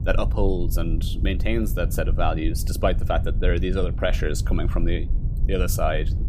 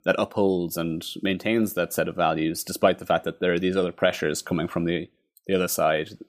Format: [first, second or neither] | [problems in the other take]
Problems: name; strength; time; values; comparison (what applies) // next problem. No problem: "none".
second | low rumble; noticeable; throughout; 15 dB below the speech